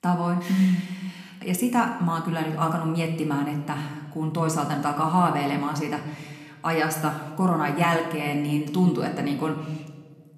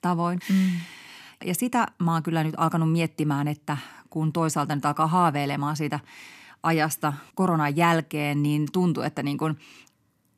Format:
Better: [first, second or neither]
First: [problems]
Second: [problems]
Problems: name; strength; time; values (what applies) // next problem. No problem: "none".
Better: second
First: room echo; slight; dies away in 1 s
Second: none